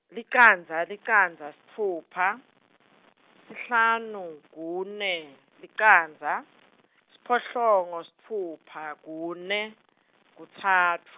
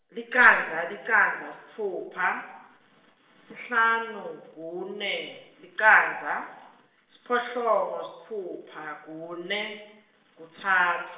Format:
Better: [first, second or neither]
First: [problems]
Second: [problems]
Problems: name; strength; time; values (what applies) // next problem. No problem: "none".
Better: first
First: none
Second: room echo; dies away in 0.9 s